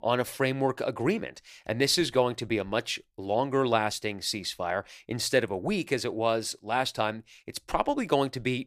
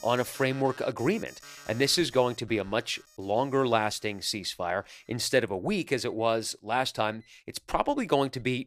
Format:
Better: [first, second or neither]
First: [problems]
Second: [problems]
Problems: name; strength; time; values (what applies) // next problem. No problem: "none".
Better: first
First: none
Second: alarms or sirens; faint; throughout; 20 dB below the speech